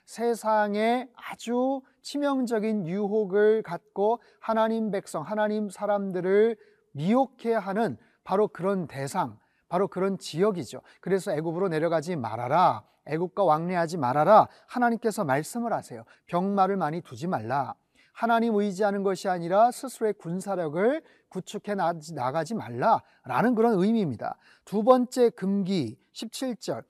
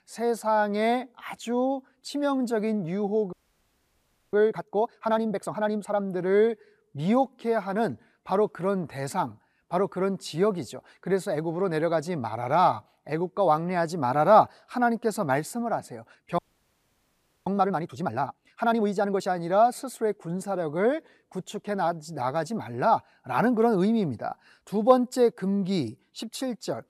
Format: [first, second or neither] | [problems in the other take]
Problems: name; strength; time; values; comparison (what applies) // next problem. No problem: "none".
first | audio freezing; at 3.5 s for 1 s and at 16 s for 1 s